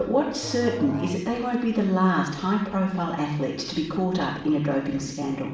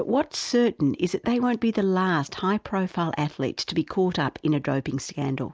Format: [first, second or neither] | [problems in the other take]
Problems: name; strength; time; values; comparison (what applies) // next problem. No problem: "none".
second | background sound (Musical instrument); 15 dB below the speech // room echo; dies away in 0.6 s